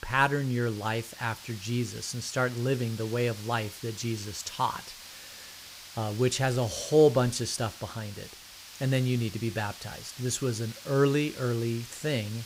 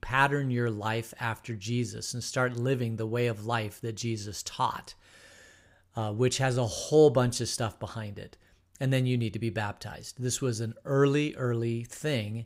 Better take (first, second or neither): second